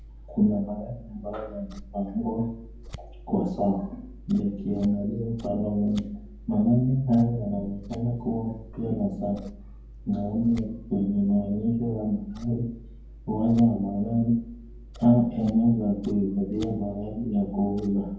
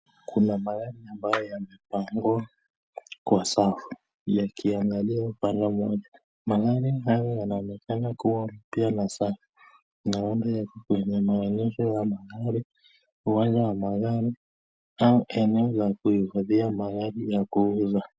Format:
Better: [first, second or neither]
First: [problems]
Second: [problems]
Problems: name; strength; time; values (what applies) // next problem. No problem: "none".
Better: second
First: background sound (Scissors); 17 dB below the speech // room echo; dies away in 0.9 s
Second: none